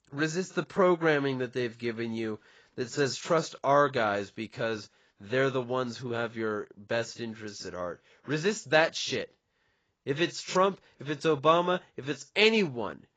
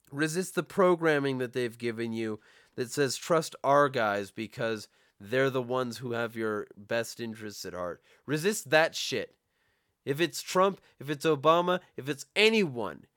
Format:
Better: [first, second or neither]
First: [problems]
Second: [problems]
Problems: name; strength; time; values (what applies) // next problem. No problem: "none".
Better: second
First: garbled, watery; badly; nothing above 7.5 kHz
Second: none